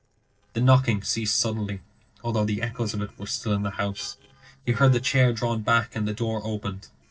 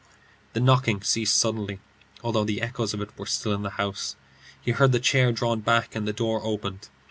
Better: second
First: noise reduction (neural separator model SepFormer DNS4)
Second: none

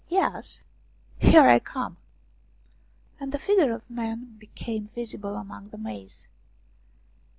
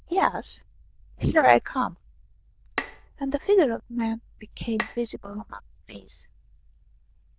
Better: first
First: none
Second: noise reduction (neural diffusion model UNIVERSE++)

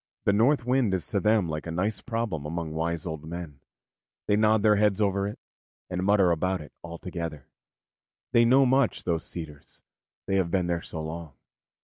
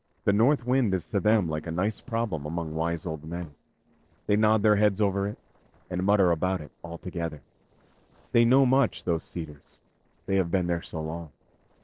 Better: first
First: none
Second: noise reduction (neural separator model SepFormer DNS4)

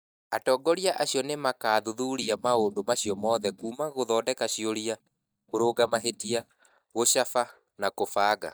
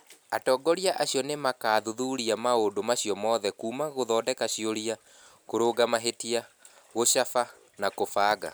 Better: second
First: noise reduction (neural mask model DeepFilterNet 3)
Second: none

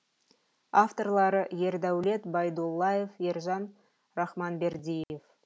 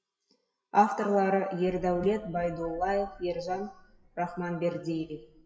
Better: first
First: none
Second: noise reduction (classical method WPE with log-MMSE)

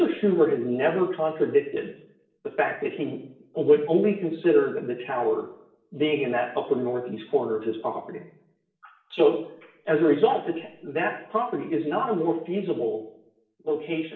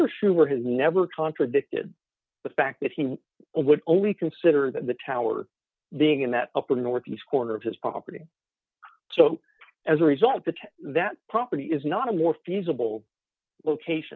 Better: second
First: room echo; dies away in 0.7 s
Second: none

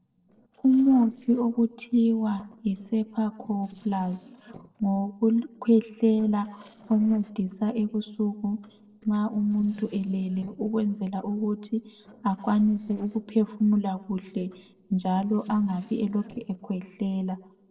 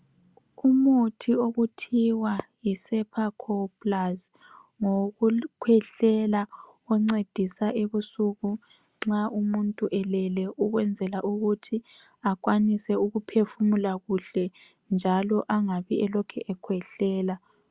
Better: second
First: noise reduction (neural separator model SepFormer DNS4)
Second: none

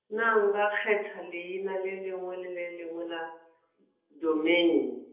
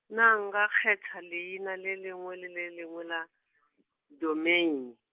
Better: second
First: room echo; dies away in 0.7 s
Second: none

